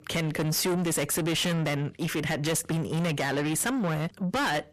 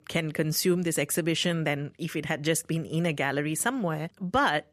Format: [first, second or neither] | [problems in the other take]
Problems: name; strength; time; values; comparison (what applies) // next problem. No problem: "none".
second | distortion; heavy; 6 dB below the speech